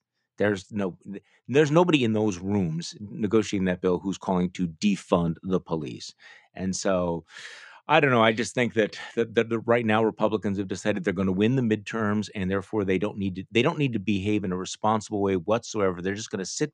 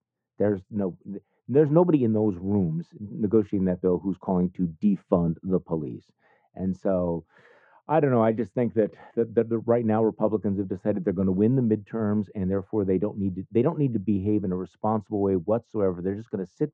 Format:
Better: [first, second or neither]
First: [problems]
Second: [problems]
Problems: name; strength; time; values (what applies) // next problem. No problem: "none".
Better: first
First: none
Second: muffled; very; fading above 2 kHz